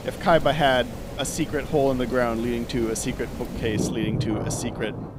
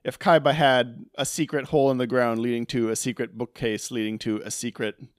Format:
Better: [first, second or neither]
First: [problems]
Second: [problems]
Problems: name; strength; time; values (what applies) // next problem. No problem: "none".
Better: second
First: rain or running water; loud; throughout; 7 dB below the speech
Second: none